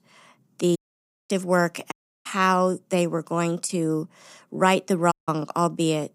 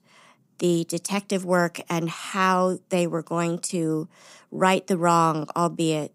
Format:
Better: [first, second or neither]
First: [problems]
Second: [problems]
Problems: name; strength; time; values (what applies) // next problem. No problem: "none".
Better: second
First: audio cutting out; at 1 s for 0.5 s, at 2 s and at 5 s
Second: none